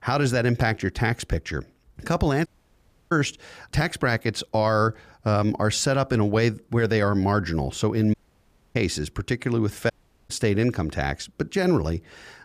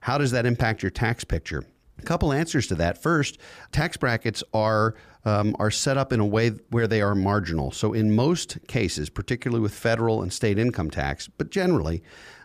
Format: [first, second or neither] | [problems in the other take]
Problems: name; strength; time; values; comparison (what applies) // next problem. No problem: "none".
second | audio cutting out; at 2.5 s for 0.5 s, at 8 s for 0.5 s and at 10 s